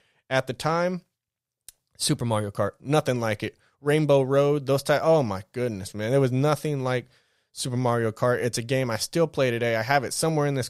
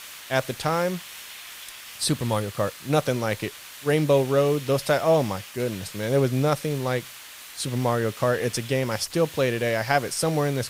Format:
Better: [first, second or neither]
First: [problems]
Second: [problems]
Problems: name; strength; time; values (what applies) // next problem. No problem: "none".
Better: first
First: none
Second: hiss; noticeable; throughout; 15 dB below the speech